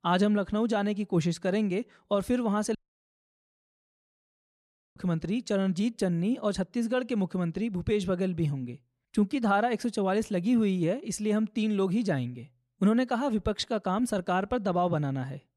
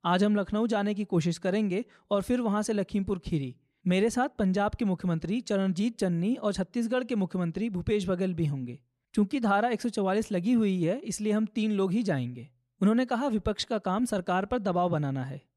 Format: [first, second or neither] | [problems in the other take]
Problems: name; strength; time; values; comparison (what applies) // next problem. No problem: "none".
second | audio cutting out; at 3 s for 2 s